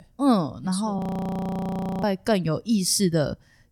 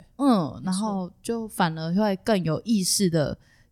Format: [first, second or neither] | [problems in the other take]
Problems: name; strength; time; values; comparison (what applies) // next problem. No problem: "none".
second | audio freezing; at 1 s for 1 s